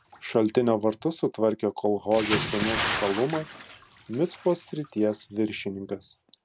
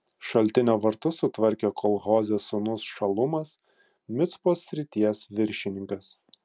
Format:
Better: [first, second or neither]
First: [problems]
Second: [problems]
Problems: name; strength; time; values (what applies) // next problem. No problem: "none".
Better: second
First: background sound (Bathtub (filling or washing) / Splash, splatter); 9 dB below the speech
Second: none